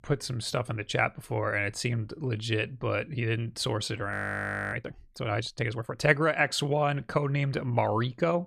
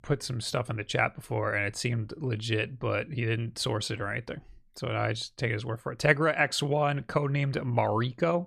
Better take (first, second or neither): second